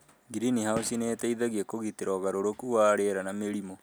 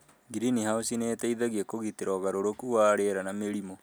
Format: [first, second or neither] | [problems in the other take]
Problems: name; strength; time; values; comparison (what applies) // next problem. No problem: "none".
second | background sound (Gunshot, gunfire); 18 dB below the speech